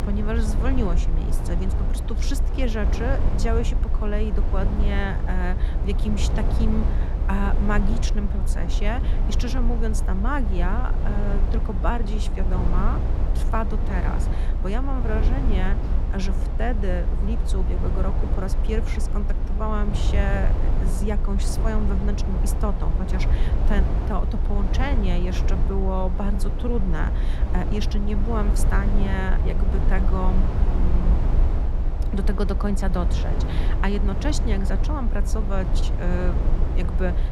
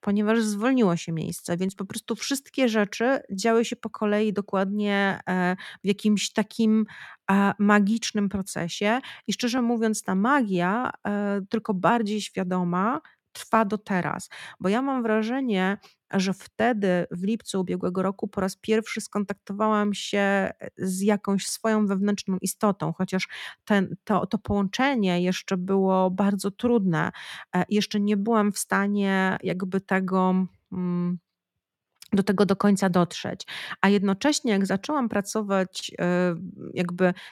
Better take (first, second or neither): second